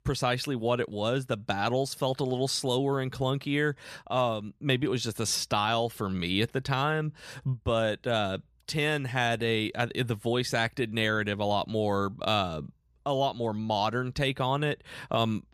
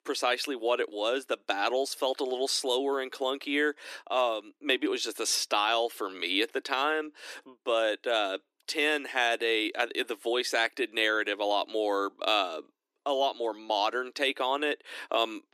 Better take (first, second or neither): first